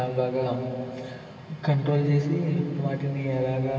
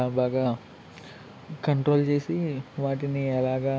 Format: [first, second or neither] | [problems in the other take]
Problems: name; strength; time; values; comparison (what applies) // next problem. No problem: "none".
second | room echo; dies away in 2.6 s